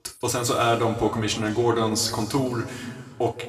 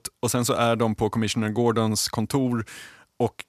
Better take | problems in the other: second | room echo; slight; dies away in 1.7 s // off-mic speech; somewhat distant

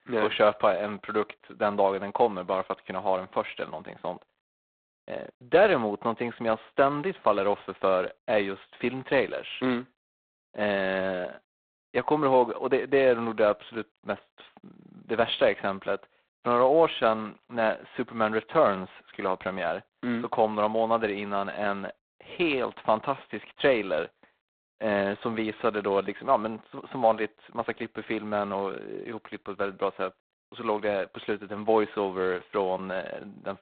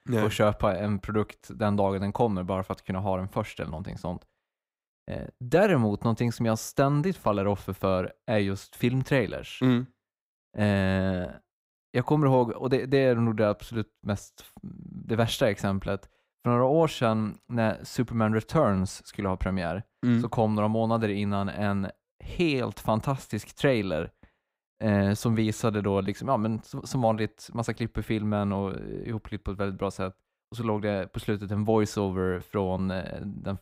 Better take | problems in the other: second | phone-call audio; poor line; nothing above 4 kHz

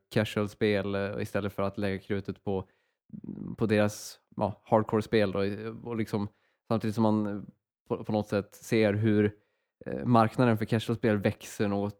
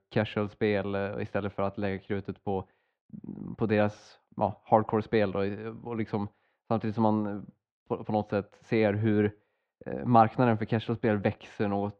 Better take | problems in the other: first | muffled; slightly; fading above 3.5 kHz

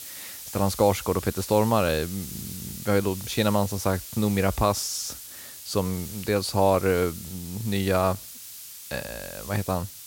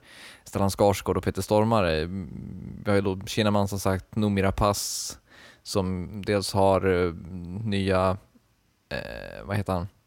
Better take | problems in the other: second | hiss; noticeable; throughout; 10 dB below the speech

